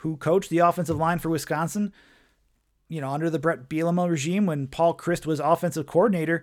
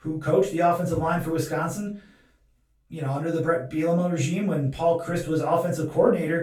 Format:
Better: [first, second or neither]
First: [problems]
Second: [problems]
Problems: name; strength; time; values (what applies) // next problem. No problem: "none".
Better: first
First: none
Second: room echo; slight; dies away in 0.3 s // off-mic speech; far